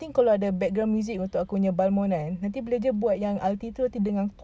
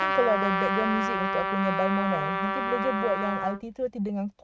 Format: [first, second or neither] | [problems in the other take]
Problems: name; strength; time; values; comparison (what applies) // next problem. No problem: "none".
first | noise reduction (neural mask model RNNoise)